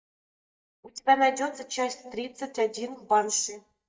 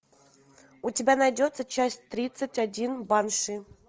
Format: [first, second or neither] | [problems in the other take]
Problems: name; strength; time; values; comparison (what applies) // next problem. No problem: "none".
second | noise reduction (neural mask model DeepFilterNet 3)